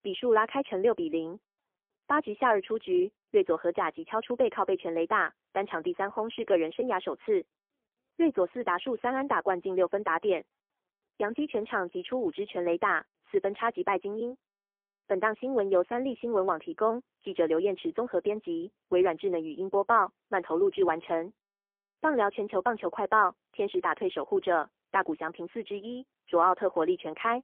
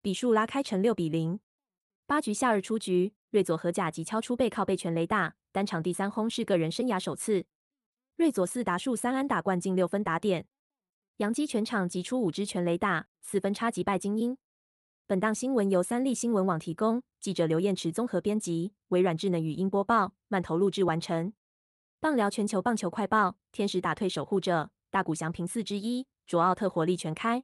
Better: second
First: phone-call audio; poor line; nothing above 3.5 kHz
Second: none

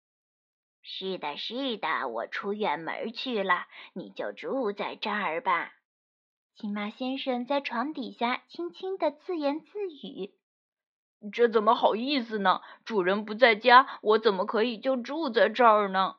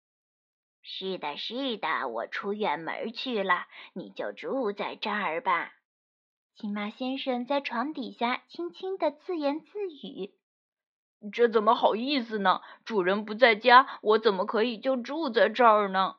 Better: neither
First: muffled; slightly; fading above 4 kHz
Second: muffled; slightly; fading above 4 kHz

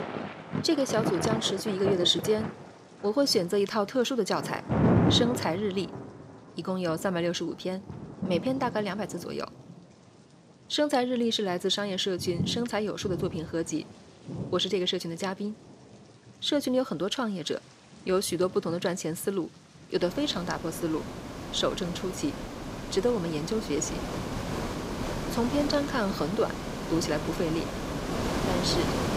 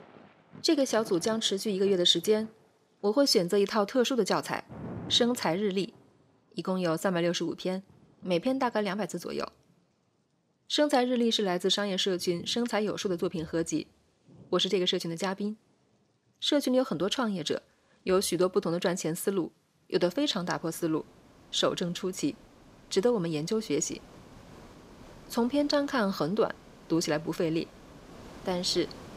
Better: second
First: rain or running water; loud; throughout; 4 dB below the speech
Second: rain or running water; faint; throughout; 20 dB below the speech

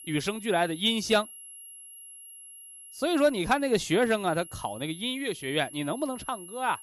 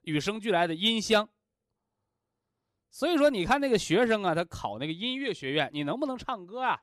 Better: second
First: high-pitched whine; noticeable; throughout; 11 kHz, 15 dB below the speech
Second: none

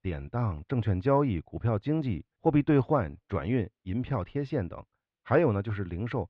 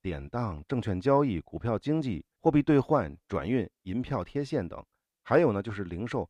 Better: second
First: muffled; slightly; fading above 3 kHz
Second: none

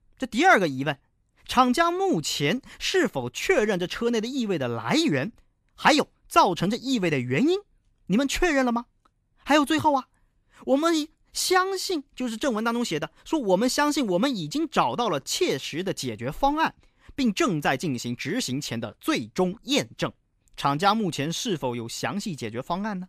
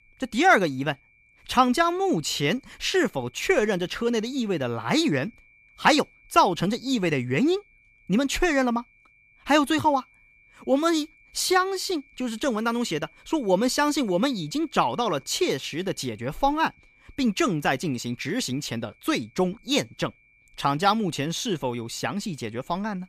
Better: first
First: none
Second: high-pitched whine; faint; throughout; 2.5 kHz, 30 dB below the speech

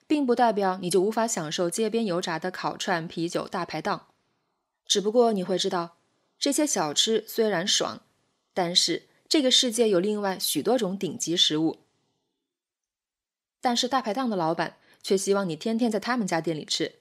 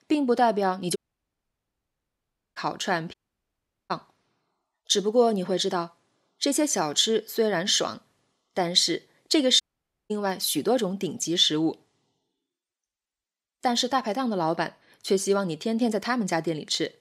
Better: first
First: none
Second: audio cutting out; at 1 s for 1.5 s, at 3 s for 1 s and at 9.5 s for 0.5 s

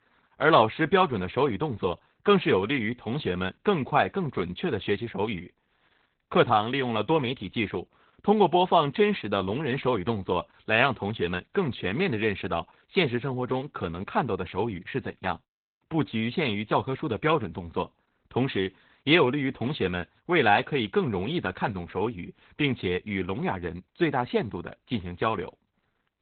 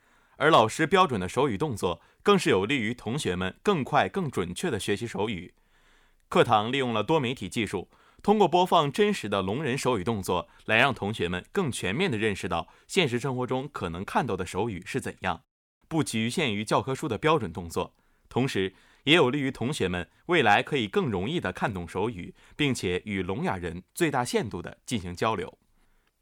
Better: second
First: garbled, watery; badly; nothing above 3.5 kHz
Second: none

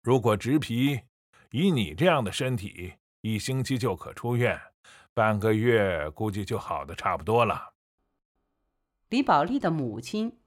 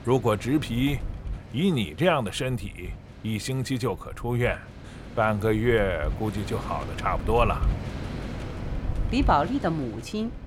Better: first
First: none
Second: wind noise on the microphone; occasional gusts; 15 dB below the speech

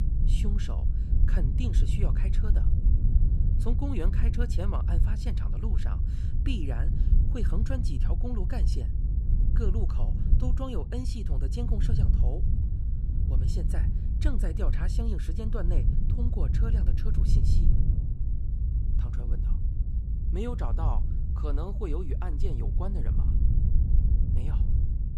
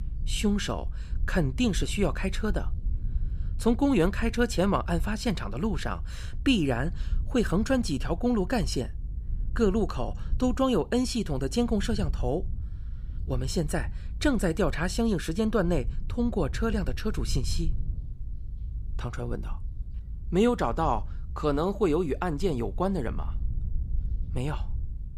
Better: second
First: low rumble; loud; throughout; 3 dB below the speech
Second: low rumble; faint; throughout; 25 dB below the speech

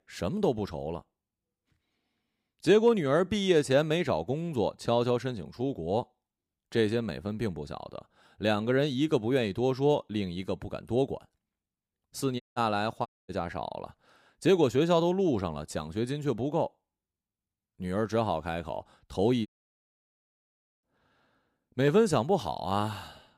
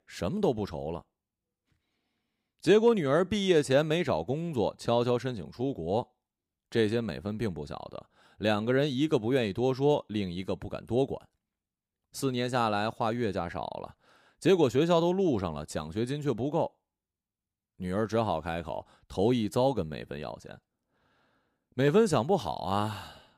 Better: second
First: audio cutting out; at 12 s, at 13 s and at 19 s for 1.5 s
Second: none

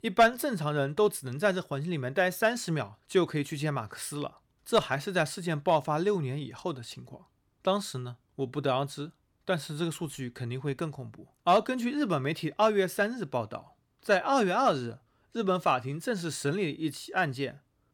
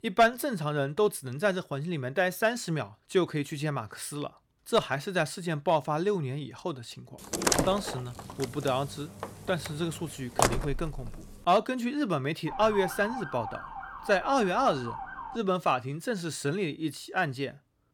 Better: first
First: none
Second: door banging; loud; from 7.5 to 11 s; peak 4 dB above the speech // siren; noticeable; from 12 to 15 s; peak 7 dB below the speech

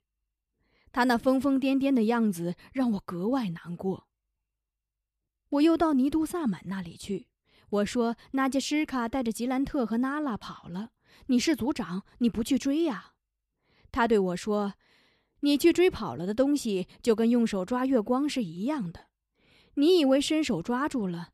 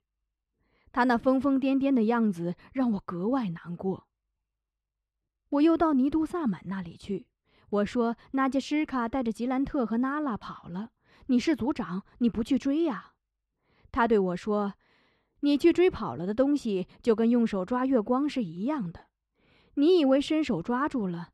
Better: first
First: none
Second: muffled; slightly; fading above 2.5 kHz

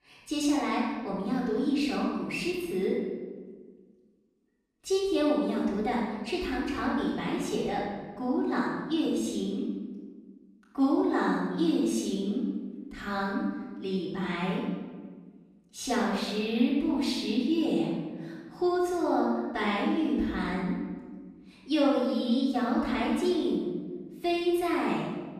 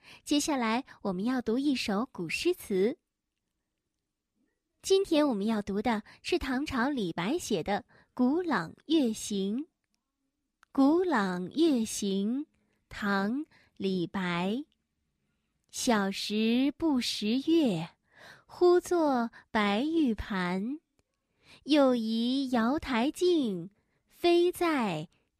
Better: second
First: room echo; strong; dies away in 1.3 s // off-mic speech; far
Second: none

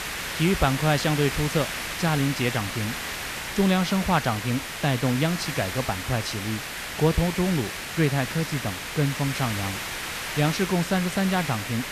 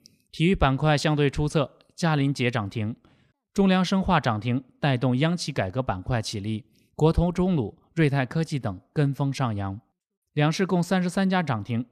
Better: second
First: hiss; loud; throughout; 5 dB below the speech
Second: none

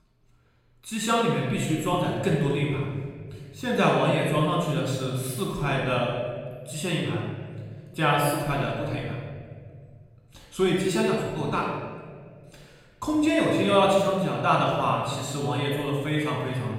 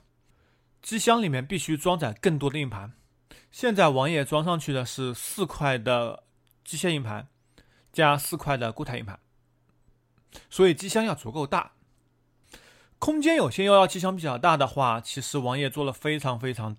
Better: second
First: room echo; strong; dies away in 1.7 s // off-mic speech; far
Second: none

